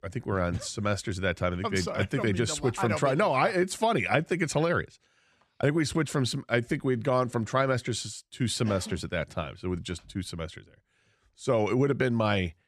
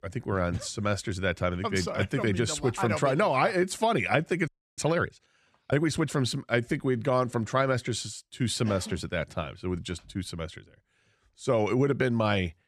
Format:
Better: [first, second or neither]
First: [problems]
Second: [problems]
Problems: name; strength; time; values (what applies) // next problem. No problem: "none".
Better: first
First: none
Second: audio freezing; at 4.5 s